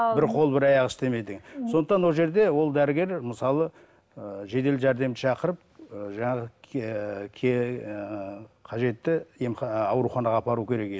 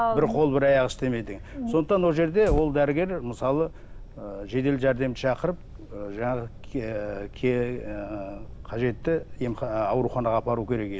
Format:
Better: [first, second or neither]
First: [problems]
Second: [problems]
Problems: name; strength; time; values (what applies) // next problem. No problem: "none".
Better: first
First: none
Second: background sound (Fire); 13 dB below the speech